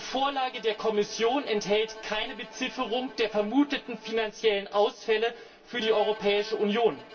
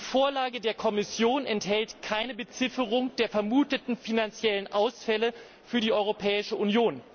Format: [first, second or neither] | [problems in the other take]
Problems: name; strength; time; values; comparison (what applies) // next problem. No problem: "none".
second | background sound (Bowed string instrument); 17 dB below the speech // room echo; dies away in 0.2 s